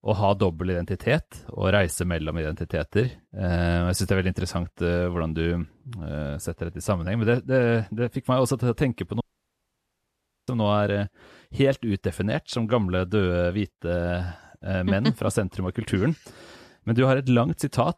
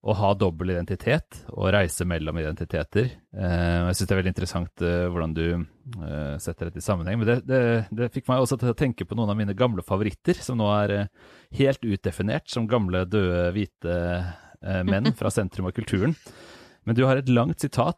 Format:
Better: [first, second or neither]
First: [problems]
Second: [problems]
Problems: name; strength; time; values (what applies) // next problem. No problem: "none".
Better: second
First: audio cutting out; at 9 s for 1.5 s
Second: none